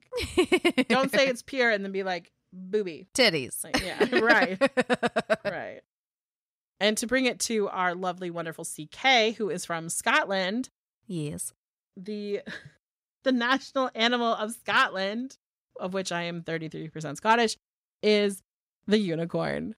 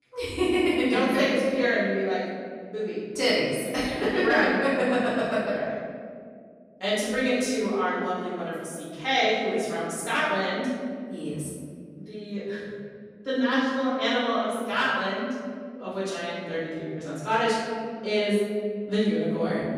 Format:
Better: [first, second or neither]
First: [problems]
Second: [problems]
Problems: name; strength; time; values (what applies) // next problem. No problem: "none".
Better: first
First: none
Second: off-mic speech; far // room echo; strong; dies away in 2.1 s